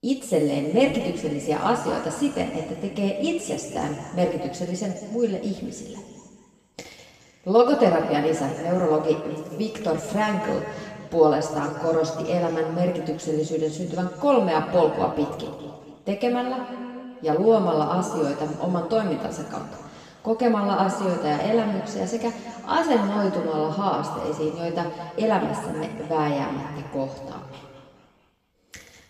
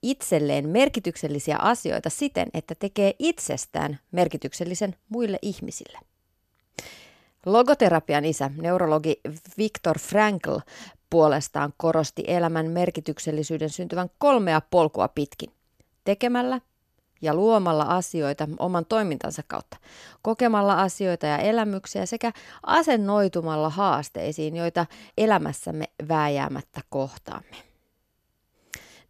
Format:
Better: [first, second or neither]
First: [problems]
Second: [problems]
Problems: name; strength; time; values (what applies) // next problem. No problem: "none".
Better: second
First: room echo; noticeable; dies away in 2.1 s // off-mic speech; far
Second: none